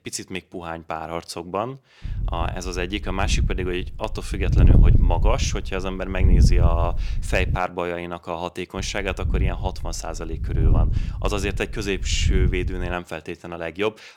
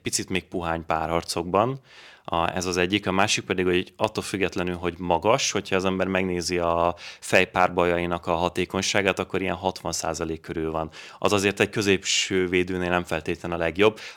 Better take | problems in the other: second | wind noise on the microphone; heavy; from 2 to 7.5 s and from 9 to 13 s; 9 dB below the speech

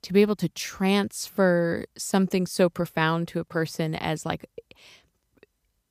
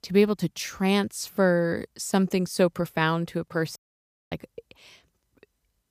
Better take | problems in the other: first | audio cutting out; at 4 s for 0.5 s

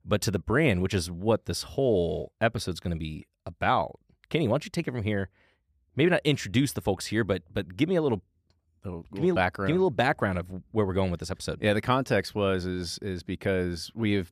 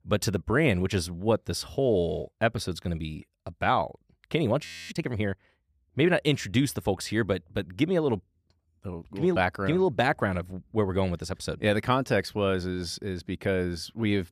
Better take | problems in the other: first | audio freezing; at 4.5 s

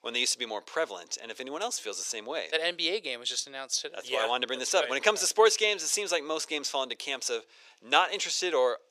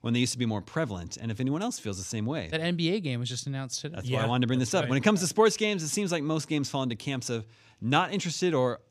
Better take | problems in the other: second | thin; very; fading below 450 Hz

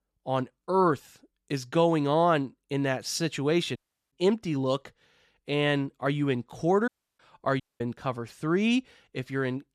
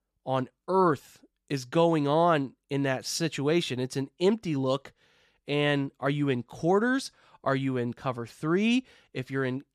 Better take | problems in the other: second | audio cutting out; at 4 s, at 7 s and at 7.5 s

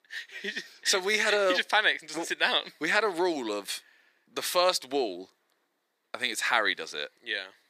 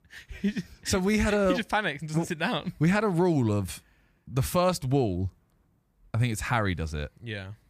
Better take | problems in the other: second | thin; very; fading below 350 Hz

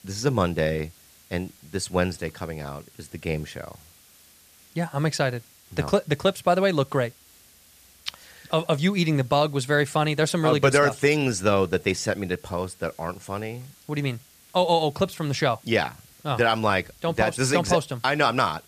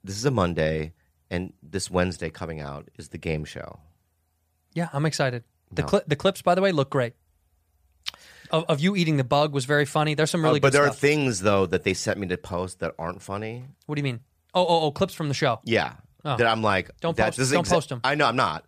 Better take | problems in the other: second | hiss; faint; throughout; 25 dB below the speech

